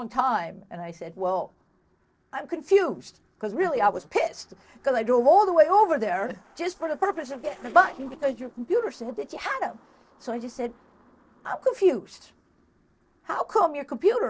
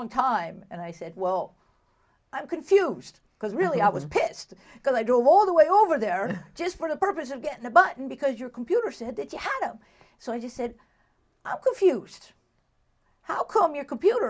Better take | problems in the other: second | noise reduction (neural separator model SepFormer DNS4)

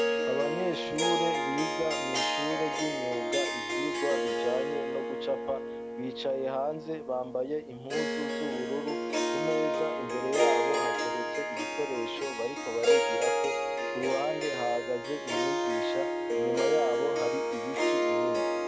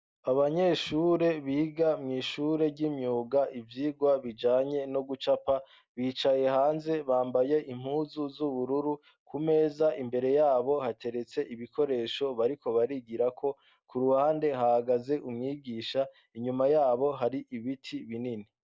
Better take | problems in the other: second | background sound (Harp); 4 dB above the speech

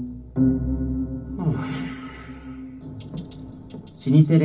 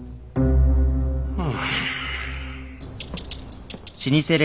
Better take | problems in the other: second | room echo; dies away in 0.4 s

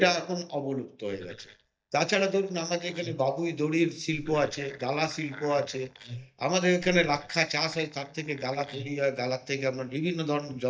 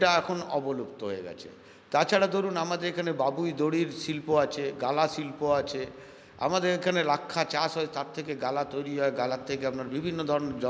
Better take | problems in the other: second | noise reduction (neural mask model DeepFilterNet 3)

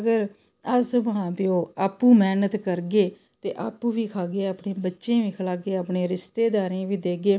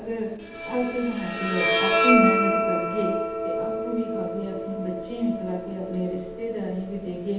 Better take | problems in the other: first | background sound (Bowed string instrument); 1 dB above the speech // room echo; dies away in 0.9 s

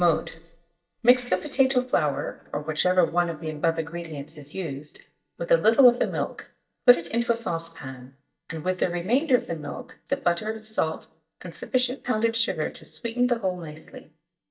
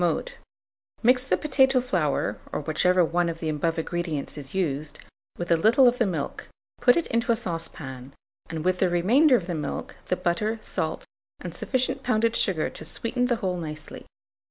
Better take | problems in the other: second | noise reduction (neural mask model DeepFilterNet 3)

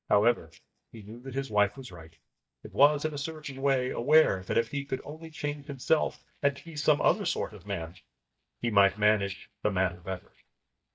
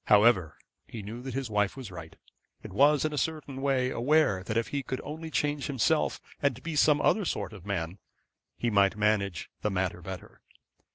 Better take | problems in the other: second | noise reduction (neural mask model DeepFilterNet 3)

